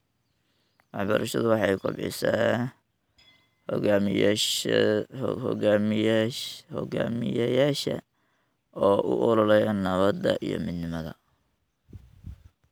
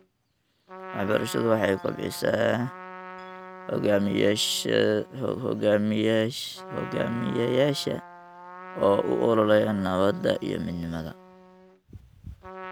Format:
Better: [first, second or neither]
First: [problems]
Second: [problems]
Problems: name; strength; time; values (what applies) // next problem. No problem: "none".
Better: first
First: none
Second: background sound (Trumpet); 17 dB below the speech